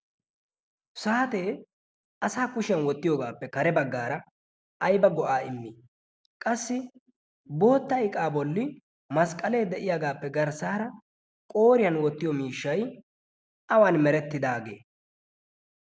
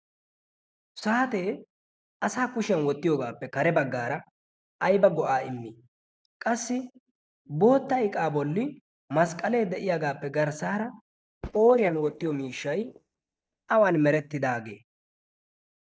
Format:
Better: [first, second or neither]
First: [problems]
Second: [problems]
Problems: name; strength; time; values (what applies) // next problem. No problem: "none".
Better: first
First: none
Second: noise reduction (neural mask model DeepFilterNet 3)